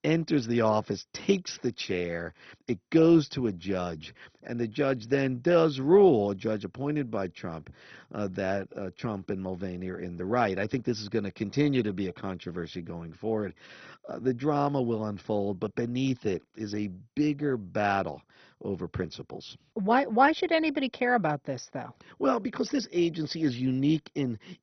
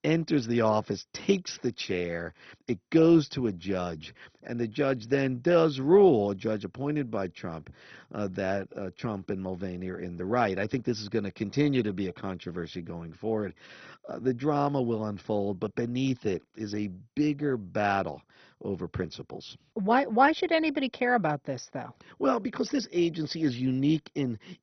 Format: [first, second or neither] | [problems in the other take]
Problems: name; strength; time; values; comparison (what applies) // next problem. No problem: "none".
neither | garbled, watery; badly; nothing above 6 kHz; the same in both